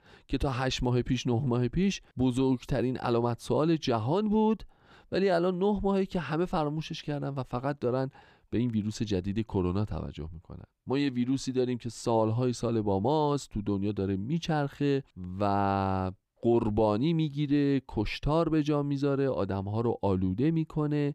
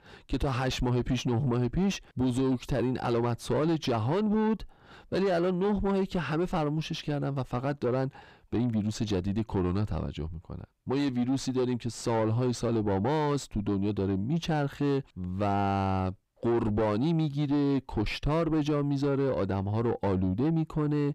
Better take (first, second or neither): first